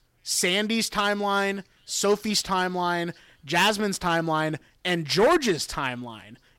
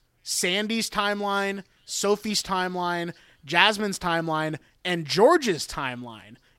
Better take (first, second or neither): second